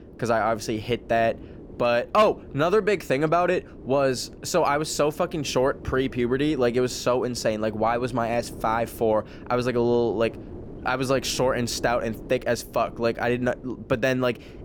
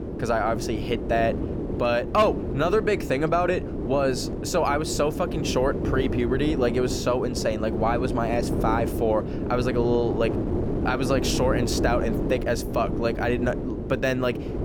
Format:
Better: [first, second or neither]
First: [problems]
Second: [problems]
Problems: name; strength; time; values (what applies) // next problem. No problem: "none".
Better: first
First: wind noise on the microphone; occasional gusts; 20 dB below the speech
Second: wind noise on the microphone; heavy; 8 dB below the speech